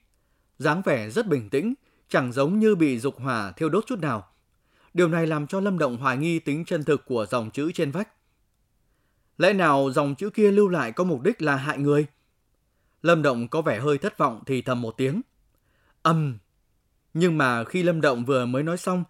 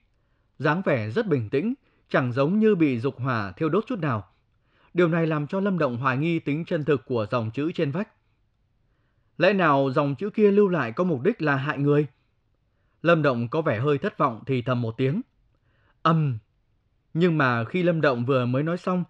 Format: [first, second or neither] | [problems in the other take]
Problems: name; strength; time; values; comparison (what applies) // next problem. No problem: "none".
first | muffled; very slightly; fading above 4 kHz